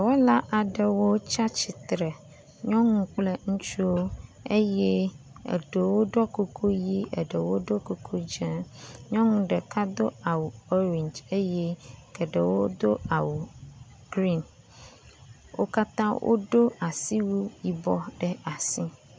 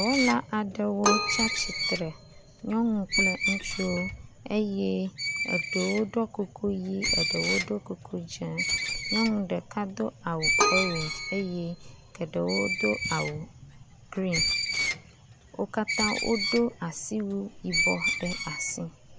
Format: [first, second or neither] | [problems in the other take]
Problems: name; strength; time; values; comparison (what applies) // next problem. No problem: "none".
first | background sound (Keyboard (musical) + Screech); 1 dB below the speech